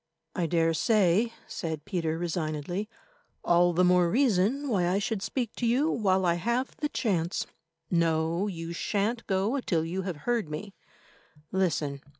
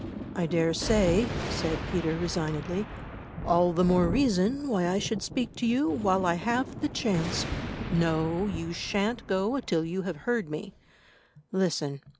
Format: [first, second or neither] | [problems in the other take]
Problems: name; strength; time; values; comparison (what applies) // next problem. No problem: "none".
first | background sound (Thunder); 9 dB below the speech